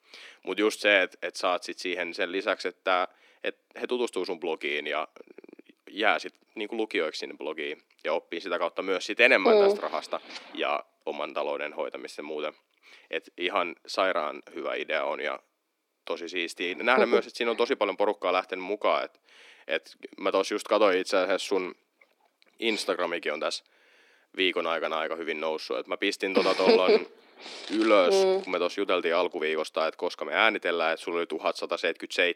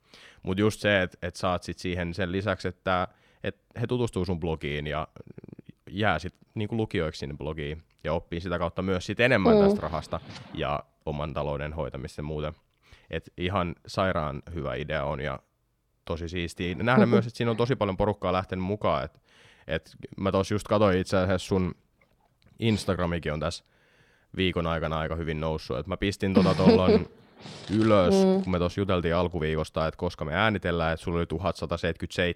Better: second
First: thin; somewhat; fading below 300 Hz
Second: none

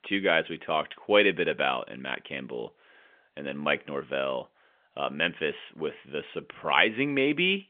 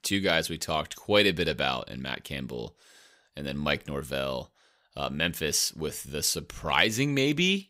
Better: second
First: phone-call audio; nothing above 3.5 kHz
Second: none

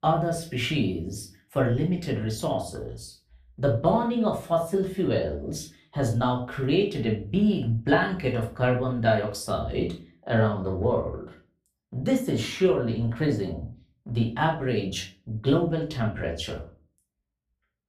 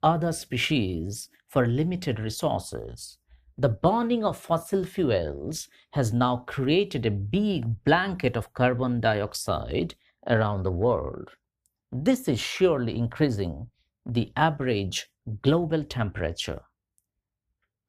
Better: second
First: off-mic speech; far // room echo; slight; dies away in 0.3 s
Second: none

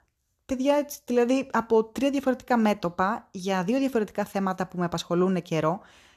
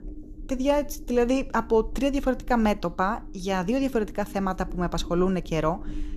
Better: first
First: none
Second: low rumble; faint; throughout; 25 dB below the speech

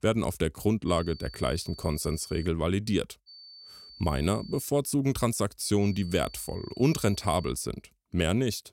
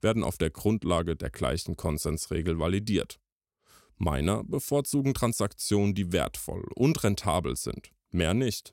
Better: second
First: high-pitched whine; noticeable; from 1 to 2.5 s, from 3.5 to 4.5 s and from 6 to 7.5 s; 4.5 kHz, 20 dB below the speech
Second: none

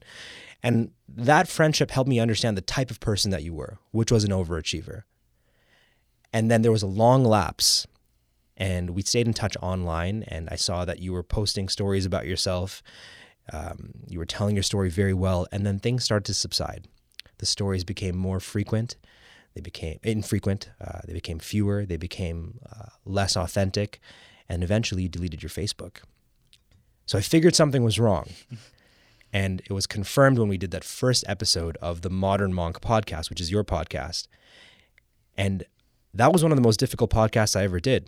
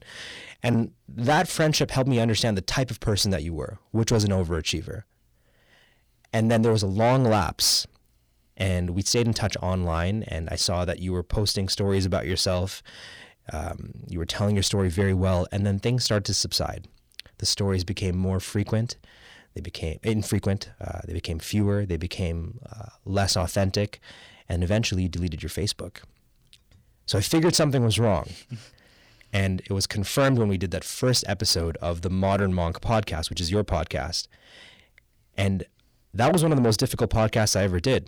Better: first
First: none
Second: distortion; slight; 10 dB below the speech

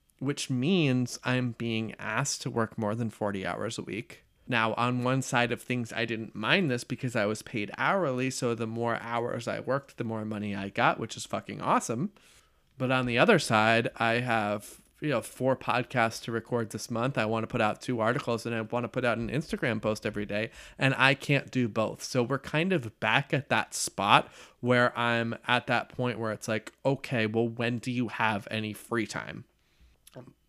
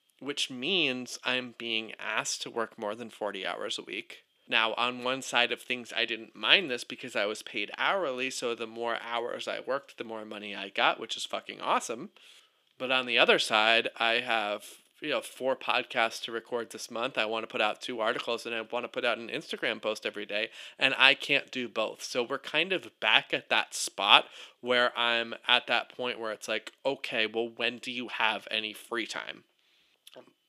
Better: first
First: none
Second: thin; somewhat; fading below 400 Hz

